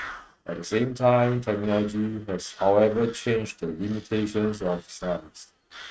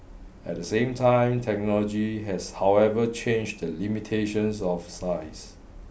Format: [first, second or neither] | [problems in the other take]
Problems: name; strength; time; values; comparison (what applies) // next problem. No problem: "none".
second | noise reduction (neural mask model RNNoise)